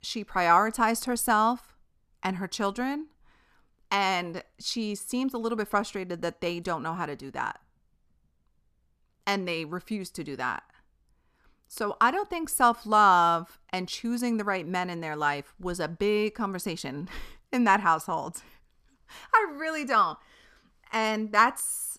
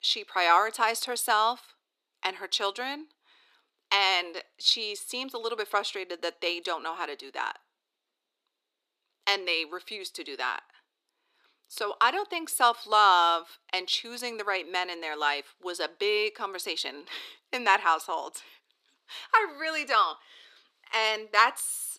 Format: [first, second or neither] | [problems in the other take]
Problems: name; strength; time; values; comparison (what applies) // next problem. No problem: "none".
first | thin; very; fading below 350 Hz